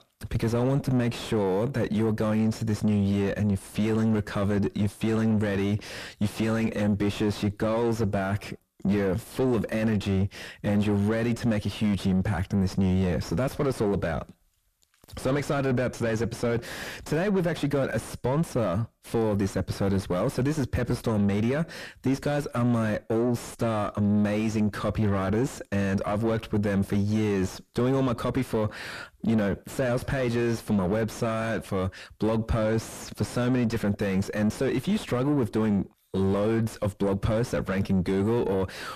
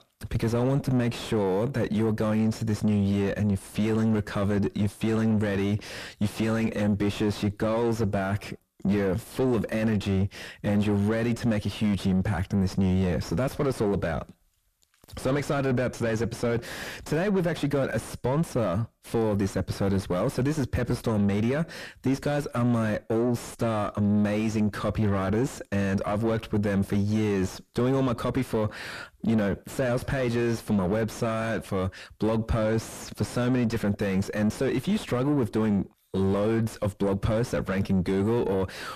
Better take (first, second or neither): neither